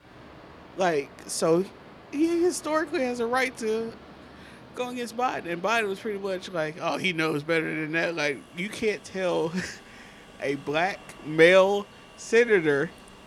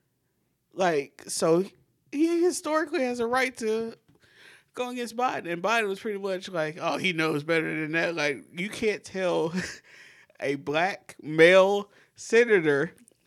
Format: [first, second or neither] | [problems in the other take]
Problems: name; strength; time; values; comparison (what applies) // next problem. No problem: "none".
second | train or aircraft noise; faint; throughout; 20 dB below the speech